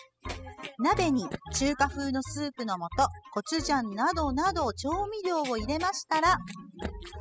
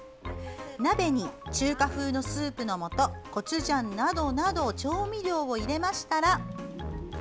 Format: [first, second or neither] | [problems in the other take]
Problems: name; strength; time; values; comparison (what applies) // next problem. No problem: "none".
second | noise reduction (classical method spectral subtraction)